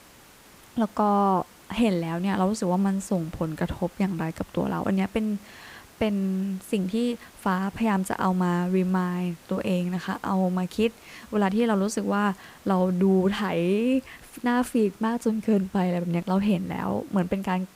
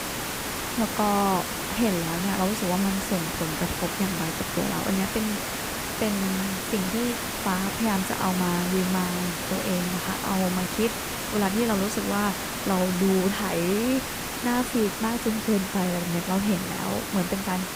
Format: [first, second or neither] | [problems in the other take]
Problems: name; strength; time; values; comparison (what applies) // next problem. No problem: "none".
first | hiss; loud; throughout; 2 dB below the speech; faint in the first